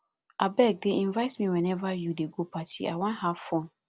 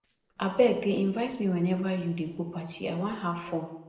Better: first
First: none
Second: noise reduction (neural separator model SepFormer DNS4)

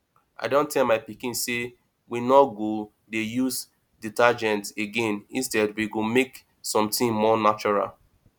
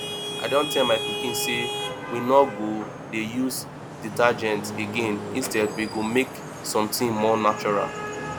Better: first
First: none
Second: background sound (Traffic noise, roadway noise / Vehicle horn, car horn, honking); 7 dB below the speech

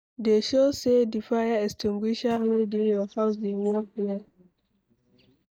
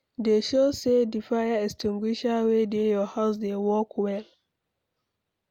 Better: second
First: noise reduction (neural mask model DeepFilterNet 3)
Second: none

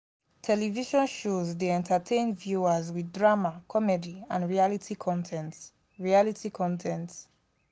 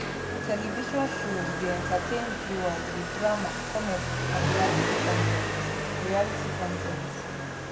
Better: first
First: none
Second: background sound (Motorcycle); 3 dB above the speech // room echo; dies away in 0.8 s

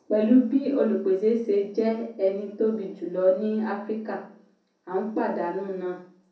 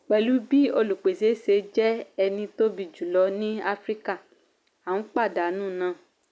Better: second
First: room echo; dies away in 0.5 s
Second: none

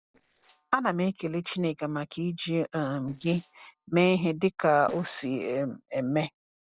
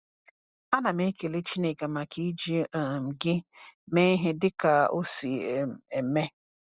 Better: second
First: noise reduction (neural separator model SepFormer DNS4)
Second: none

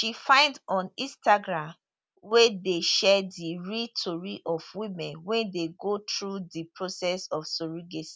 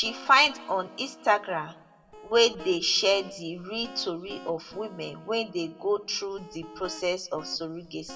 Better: first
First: none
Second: background sound (Guitar); 19 dB below the speech // room echo; dies away in 0.4 s

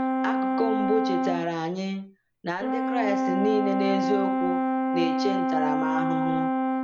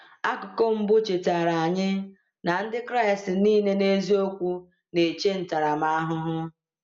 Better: second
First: background sound (Brass instrument); 4 dB above the speech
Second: none

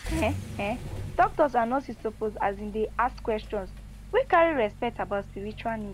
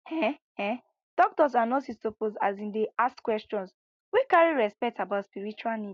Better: second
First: background sound (Accelerating, revving, vroom); 11 dB below the speech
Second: none

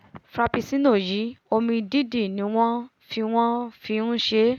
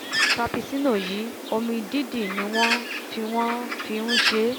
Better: first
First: none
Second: background sound (Bird); 1 dB below the speech

